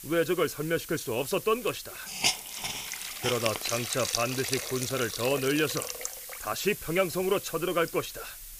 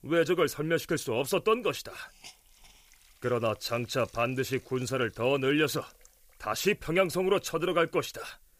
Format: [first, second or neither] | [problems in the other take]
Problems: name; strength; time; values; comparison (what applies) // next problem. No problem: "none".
second | hiss; loud; throughout; 4 dB below the speech; faint in the second